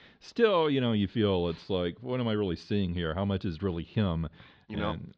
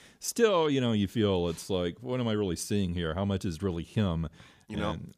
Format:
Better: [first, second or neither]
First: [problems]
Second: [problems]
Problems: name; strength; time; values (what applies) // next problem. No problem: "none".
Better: second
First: muffled; slightly; fading above 4 kHz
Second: none